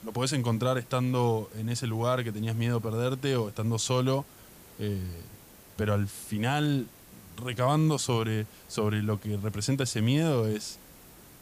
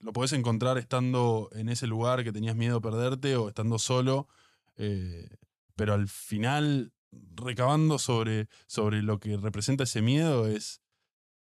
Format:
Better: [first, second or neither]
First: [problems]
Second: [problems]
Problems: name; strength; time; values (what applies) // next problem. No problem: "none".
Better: second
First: hiss; faint; throughout; 20 dB below the speech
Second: none